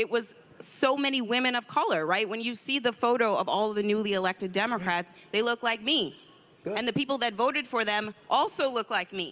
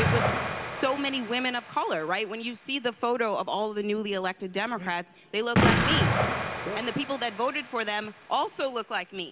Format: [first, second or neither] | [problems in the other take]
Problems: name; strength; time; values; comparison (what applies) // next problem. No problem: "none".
first | background sound (Explosion); 1 dB below the speech